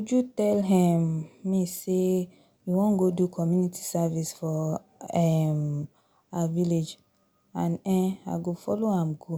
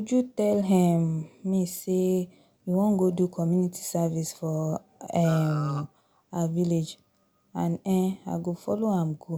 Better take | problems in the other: first | background sound (Burping, eructation); 13 dB below the speech

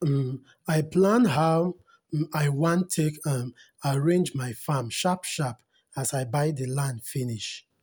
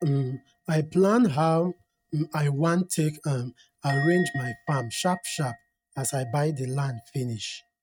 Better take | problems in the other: first | noise reduction (neural mask model RNNoise)

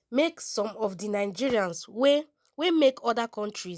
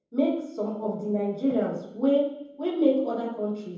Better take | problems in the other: first | room echo; dies away in 0.9 s

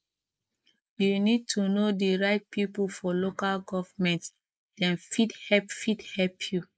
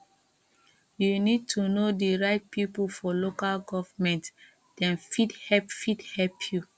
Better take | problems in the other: second | noise reduction (neural mask model Resemble Enhance denoiser)

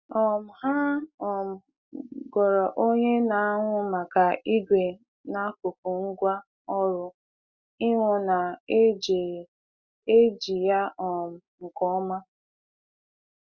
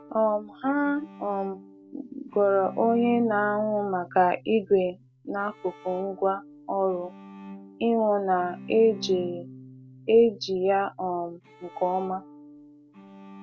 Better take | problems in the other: first | background sound (Bowed string instrument); 18 dB below the speech

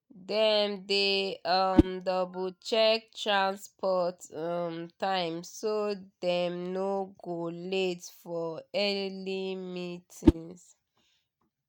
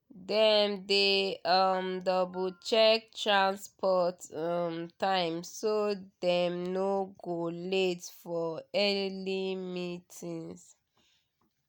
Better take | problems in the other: second | noise reduction (neural mask model RNNoise)

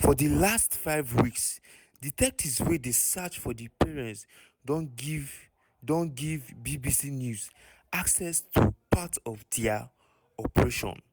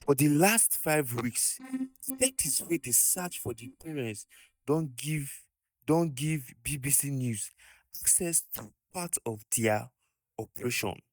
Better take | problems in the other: first | noise reduction (neural mask model DeepFilterNet 3)

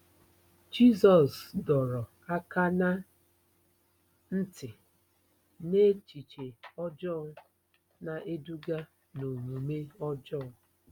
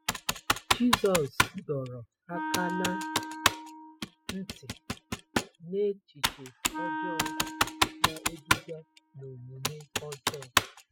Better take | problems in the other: first | noise reduction (classical method spectral subtraction)

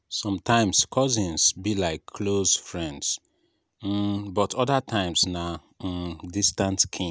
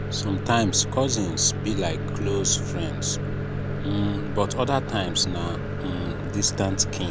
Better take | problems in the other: first | background sound (Microwave oven); 2 dB below the speech

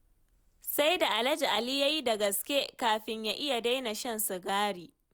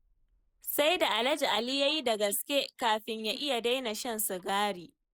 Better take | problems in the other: first | noise reduction (neural mask model Resemble Enhance denoiser)

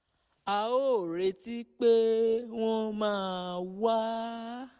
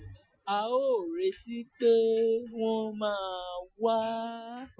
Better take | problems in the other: first | noise reduction (classical method Wiener filter)

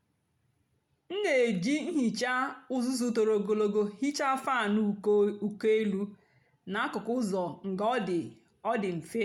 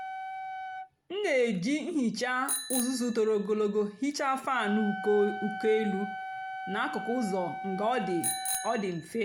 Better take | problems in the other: first | background sound (Bicycle bell + Wind instrument, woodwind instrument); 8 dB below the speech

